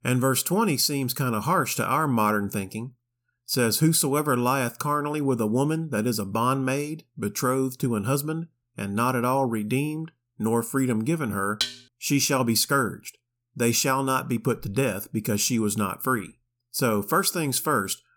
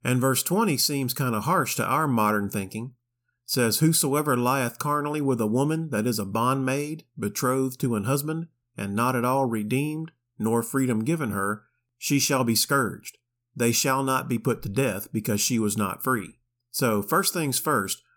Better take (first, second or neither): second